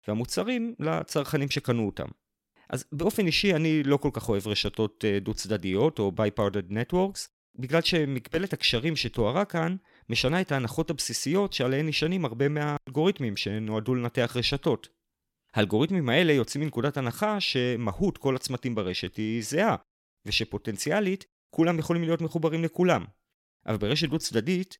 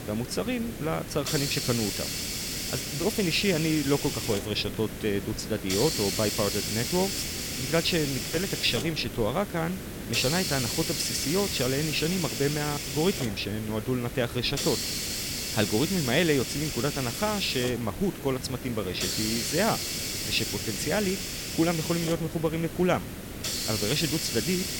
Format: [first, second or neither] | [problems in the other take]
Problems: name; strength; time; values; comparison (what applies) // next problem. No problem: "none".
first | hiss; loud; throughout; 2 dB below the speech